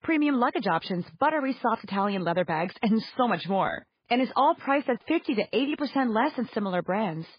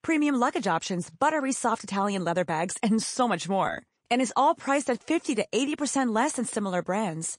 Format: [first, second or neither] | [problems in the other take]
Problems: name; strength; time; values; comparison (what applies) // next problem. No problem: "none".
second | garbled, watery; badly; nothing above 5 kHz; slightly in the second